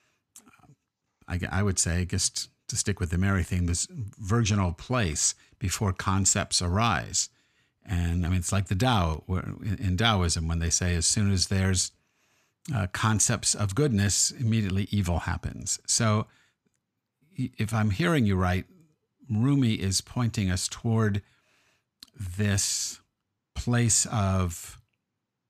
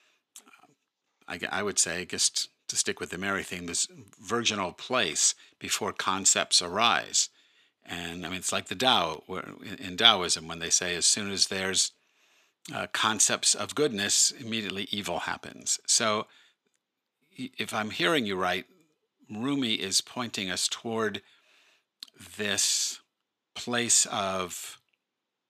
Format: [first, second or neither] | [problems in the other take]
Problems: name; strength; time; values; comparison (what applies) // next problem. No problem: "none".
first | thin; somewhat; fading below 400 Hz